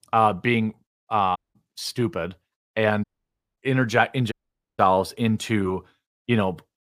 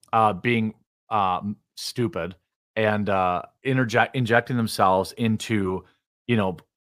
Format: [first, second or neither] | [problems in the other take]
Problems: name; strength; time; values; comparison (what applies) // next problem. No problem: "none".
second | audio cutting out; at 1.5 s, at 3 s for 0.5 s and at 4.5 s